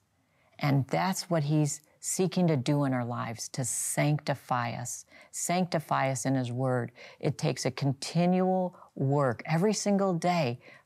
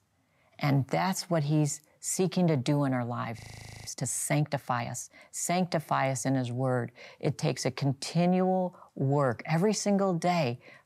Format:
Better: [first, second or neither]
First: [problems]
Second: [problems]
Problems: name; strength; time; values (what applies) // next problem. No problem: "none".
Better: first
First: none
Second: audio freezing; at 3.5 s